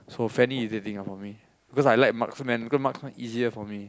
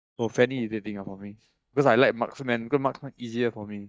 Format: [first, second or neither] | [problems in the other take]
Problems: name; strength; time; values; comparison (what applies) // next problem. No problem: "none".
first | noise reduction (neural mask model DeepFilterNet 3)